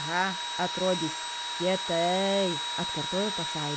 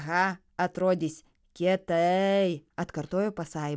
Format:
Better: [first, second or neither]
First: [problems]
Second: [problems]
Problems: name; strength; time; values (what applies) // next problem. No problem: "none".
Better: second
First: background sound (Engine / Drill); 3 dB below the speech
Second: none